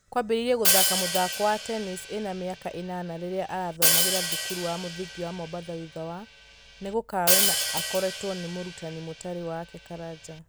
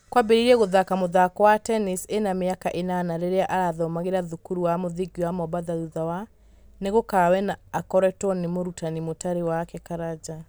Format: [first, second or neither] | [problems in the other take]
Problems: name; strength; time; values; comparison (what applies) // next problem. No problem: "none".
second | background sound (Hi-hat); 2 dB above the speech